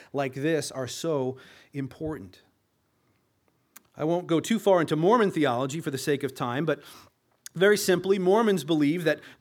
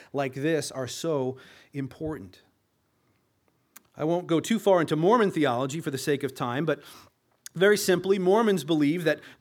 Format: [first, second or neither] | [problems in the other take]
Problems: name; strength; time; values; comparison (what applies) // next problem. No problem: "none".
neither | none